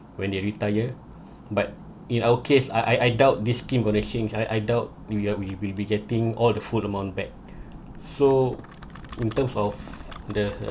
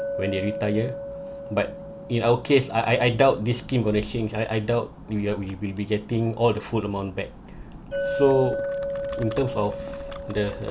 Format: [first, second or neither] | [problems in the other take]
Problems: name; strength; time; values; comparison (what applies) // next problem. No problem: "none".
first | background sound (Chink, clink); 9 dB below the speech